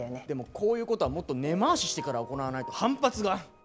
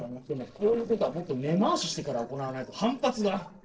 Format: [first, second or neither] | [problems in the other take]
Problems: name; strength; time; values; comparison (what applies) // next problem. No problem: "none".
first | noise reduction (neural separator model SepFormer DNS4)